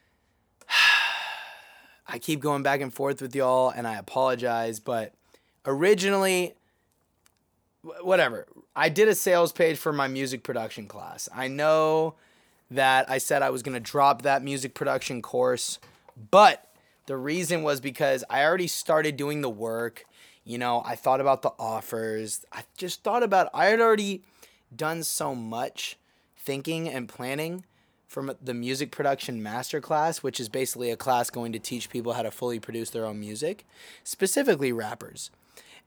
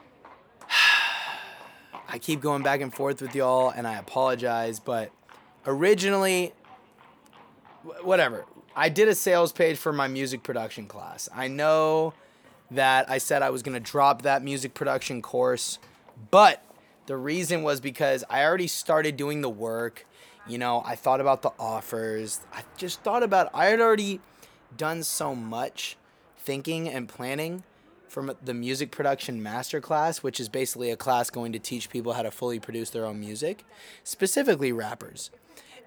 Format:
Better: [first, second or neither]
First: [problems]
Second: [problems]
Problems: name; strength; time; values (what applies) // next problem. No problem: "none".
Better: first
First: none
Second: animal sounds; faint; throughout; 30 dB below the speech